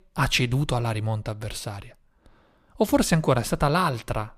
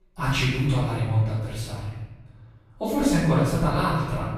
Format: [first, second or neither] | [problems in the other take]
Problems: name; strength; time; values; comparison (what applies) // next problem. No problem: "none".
first | off-mic speech; far // room echo; strong; dies away in 1.3 s